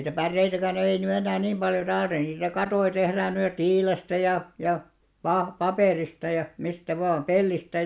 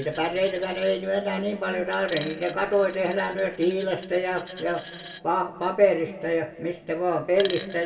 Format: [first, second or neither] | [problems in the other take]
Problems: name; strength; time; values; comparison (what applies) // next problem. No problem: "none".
first | background sound (Coin (dropping)); 18 dB below the speech // room echo; dies away in 2 s